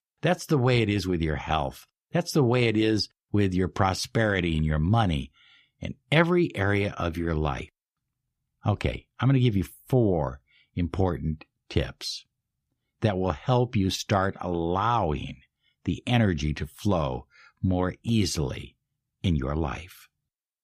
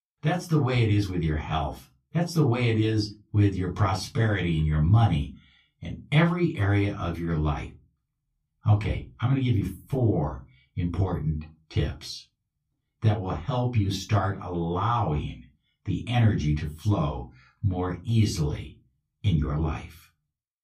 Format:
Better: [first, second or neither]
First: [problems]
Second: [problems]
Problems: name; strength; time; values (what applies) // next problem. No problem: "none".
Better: first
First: none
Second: off-mic speech; far // room echo; very slight; dies away in 0.2 s